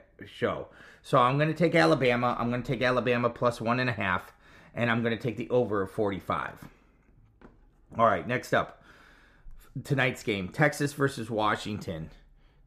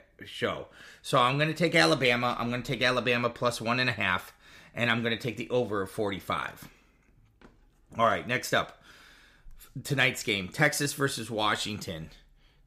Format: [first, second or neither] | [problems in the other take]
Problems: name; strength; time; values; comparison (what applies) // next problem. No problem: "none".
second | muffled; slightly; fading above 2 kHz